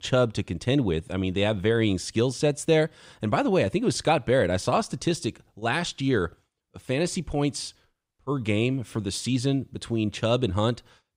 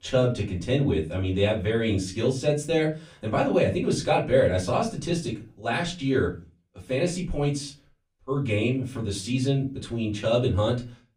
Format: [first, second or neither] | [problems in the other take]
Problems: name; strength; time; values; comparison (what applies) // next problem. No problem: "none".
first | off-mic speech; far // room echo; very slight; dies away in 0.3 s